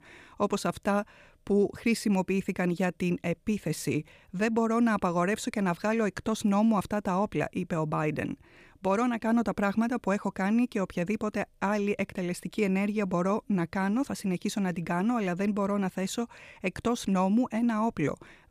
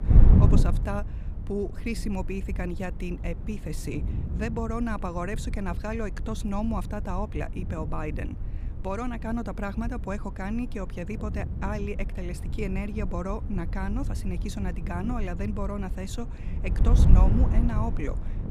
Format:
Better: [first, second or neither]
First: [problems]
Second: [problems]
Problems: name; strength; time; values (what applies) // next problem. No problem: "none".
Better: first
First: none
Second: wind noise on the microphone; heavy; 7 dB below the speech